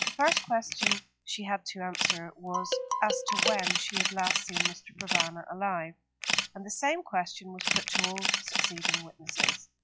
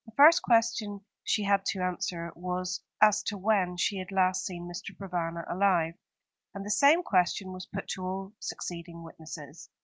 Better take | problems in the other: second | noise reduction (classical method log-MMSE)

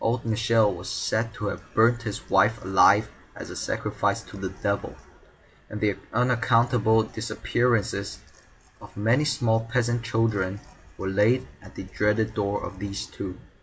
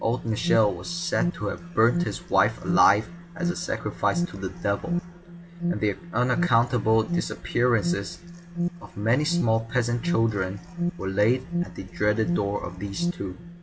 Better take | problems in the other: first | background sound (Alarm); 6 dB below the speech

